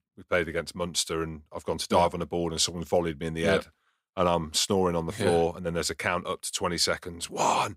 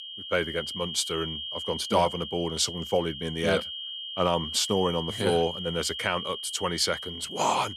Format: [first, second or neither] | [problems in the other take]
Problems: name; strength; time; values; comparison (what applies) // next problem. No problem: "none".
first | high-pitched whine; loud; throughout; 3 kHz, 6 dB below the speech